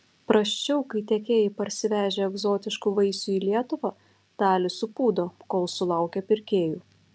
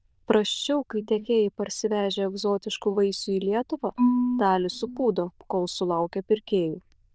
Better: first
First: none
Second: noise reduction (neural diffusion model UNIVERSE++)

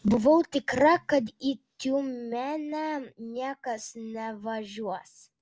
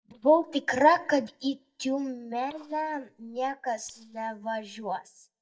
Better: first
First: none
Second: noise reduction (neural mask model DeepFilterNet 3)

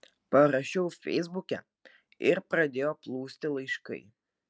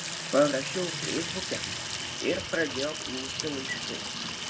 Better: first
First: none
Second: background sound (Sink (filling or washing) / Water tap, faucet); 3 dB below the speech // room echo; dies away in 0.3 s

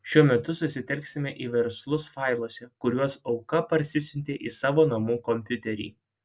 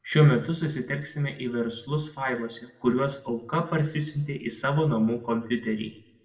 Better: first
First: none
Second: room echo; dies away in 0.6 s

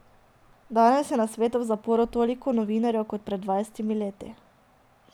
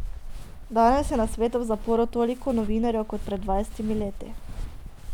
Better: first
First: none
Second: background sound (Walk, footsteps); 6 dB below the speech

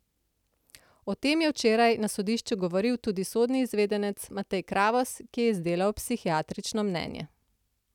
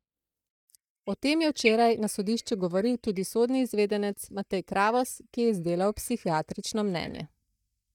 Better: first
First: none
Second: noise reduction (neural mask model DeepFilterNet 3)

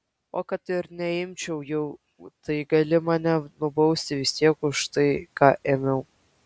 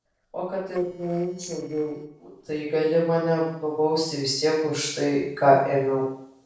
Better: first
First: none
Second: noise reduction (neural separator model SepFormer DNS4)

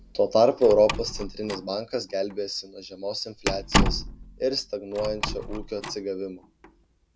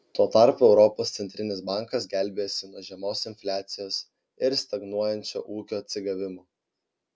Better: second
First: background sound (Slam); 5 dB below the speech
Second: none

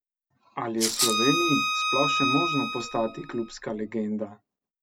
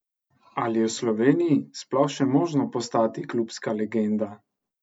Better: second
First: background sound (Rattle (instrument) + Bowed string instrument); 2 dB above the speech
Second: none

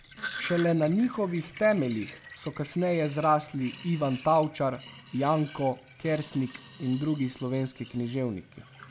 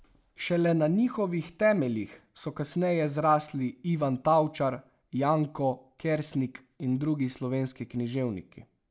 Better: second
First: background sound (Sink (filling or washing)); 17 dB below the speech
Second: none

